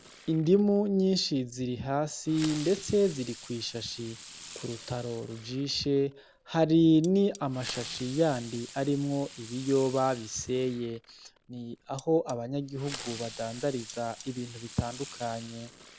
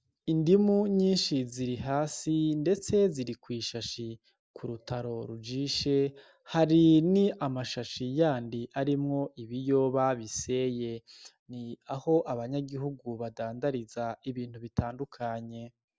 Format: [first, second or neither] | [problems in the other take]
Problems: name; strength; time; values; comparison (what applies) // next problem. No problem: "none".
second | background sound (Fireworks + Cutlery, silverware); 17 dB below the speech